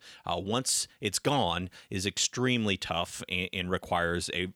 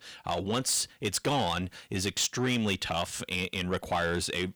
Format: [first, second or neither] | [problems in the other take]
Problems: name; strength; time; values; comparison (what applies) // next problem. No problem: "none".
first | distortion; slight; 10 dB below the speech